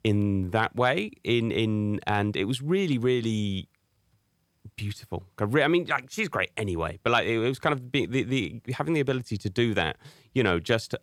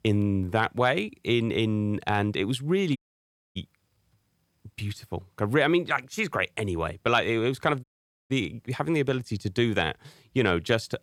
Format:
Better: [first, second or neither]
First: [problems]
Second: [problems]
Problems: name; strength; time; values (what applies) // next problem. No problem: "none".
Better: first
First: none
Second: audio cutting out; at 3 s for 0.5 s and at 8 s